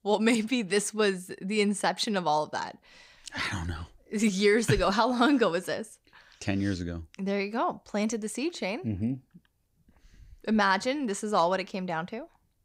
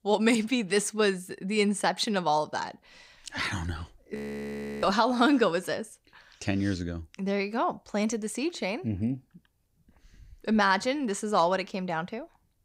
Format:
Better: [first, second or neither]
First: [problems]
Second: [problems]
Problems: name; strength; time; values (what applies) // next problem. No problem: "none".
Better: first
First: none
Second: audio freezing; at 4 s for 0.5 s